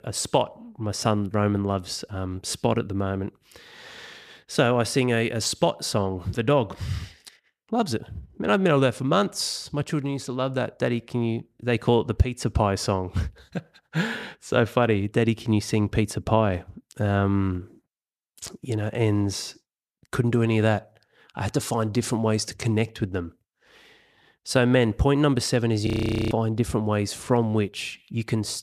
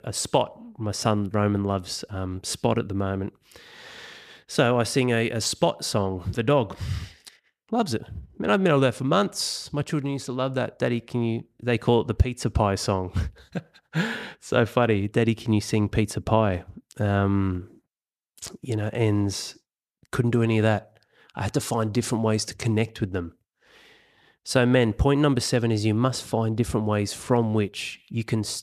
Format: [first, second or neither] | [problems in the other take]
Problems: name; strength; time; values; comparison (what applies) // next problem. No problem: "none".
second | audio freezing; at 26 s